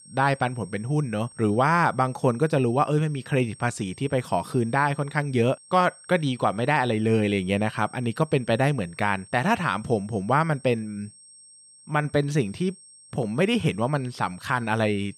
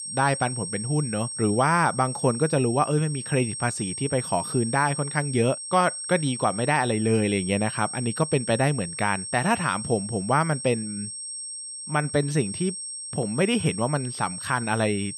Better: first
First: high-pitched whine; faint; throughout; 8.5 kHz, 25 dB below the speech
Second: high-pitched whine; loud; throughout; 8.5 kHz, 7 dB below the speech

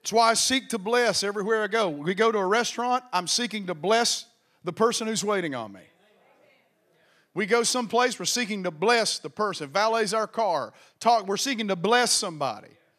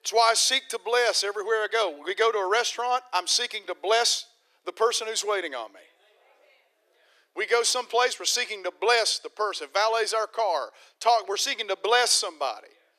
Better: first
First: none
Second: thin; very; fading below 350 Hz

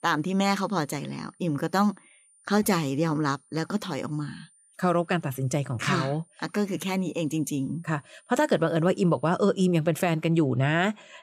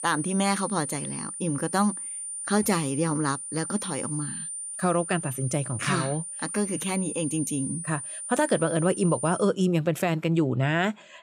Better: first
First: high-pitched whine; faint; until 9.5 s; 9 kHz, 30 dB below the speech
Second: high-pitched whine; loud; until 9.5 s; 9 kHz, 6 dB below the speech

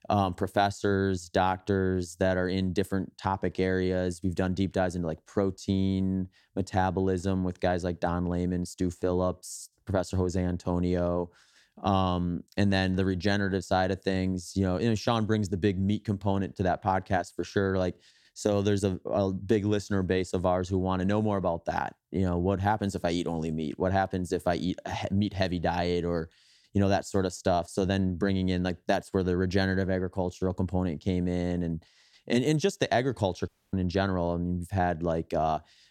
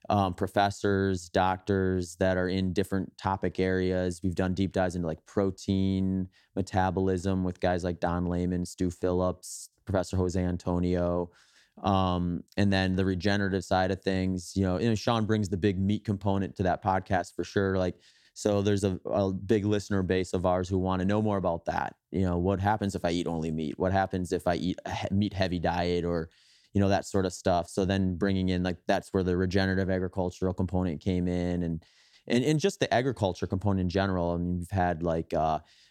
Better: second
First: audio cutting out; at 33 s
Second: none

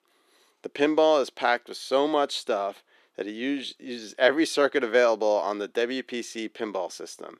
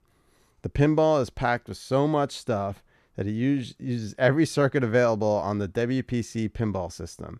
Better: second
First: thin; somewhat; fading below 300 Hz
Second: none

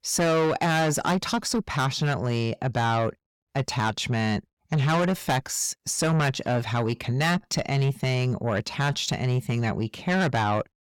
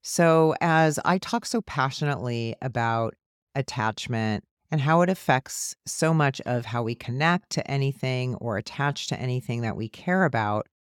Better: second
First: distortion; heavy; 6 dB below the speech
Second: none

